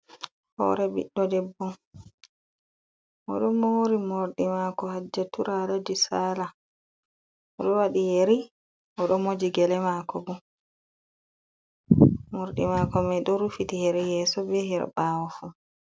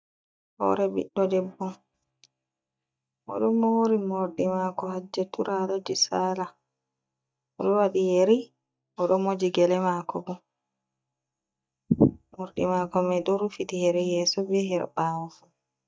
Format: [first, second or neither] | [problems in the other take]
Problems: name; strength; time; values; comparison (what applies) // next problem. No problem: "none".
first | noise reduction (neural mask model DeepFilterNet 3)